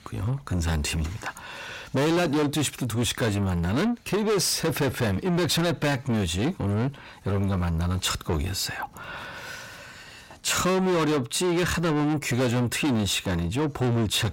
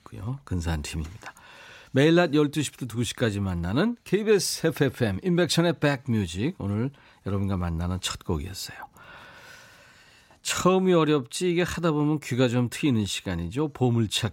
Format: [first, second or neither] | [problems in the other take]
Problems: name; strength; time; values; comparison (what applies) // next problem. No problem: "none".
second | distortion; heavy; 6 dB below the speech